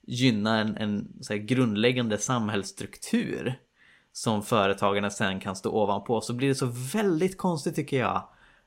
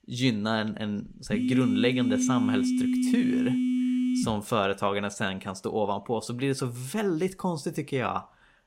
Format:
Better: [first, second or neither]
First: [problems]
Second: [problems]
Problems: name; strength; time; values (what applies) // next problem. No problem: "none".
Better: first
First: none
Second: phone ringing; loud; from 1 to 4.5 s; peak 4 dB above the speech